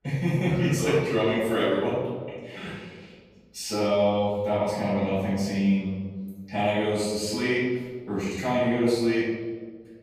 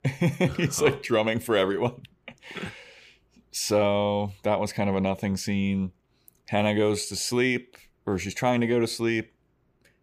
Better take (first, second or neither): second